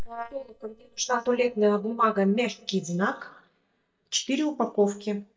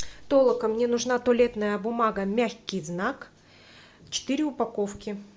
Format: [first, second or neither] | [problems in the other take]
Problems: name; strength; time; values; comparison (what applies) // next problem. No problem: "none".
second | noise reduction (neural mask model DeepFilterNet 3)